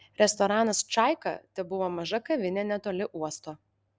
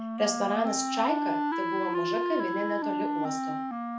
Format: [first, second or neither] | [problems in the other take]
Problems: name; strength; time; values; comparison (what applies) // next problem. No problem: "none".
first | background sound (Wind instrument, woodwind instrument); 2 dB above the speech // room echo; dies away in 0.4 s